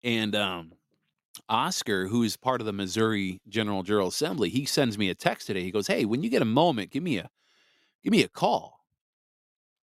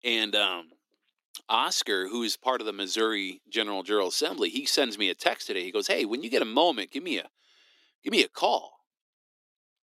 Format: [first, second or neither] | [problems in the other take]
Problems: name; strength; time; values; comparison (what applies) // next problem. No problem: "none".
first | thin; somewhat; fading below 300 Hz